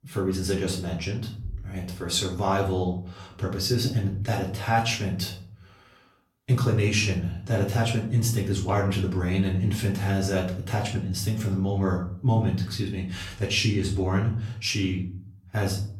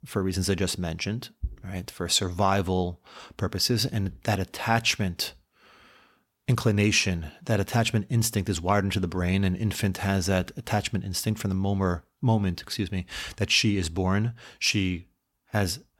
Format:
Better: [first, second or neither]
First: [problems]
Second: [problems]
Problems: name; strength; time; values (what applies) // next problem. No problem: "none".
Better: second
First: room echo; slight; dies away in 0.5 s // off-mic speech; far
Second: none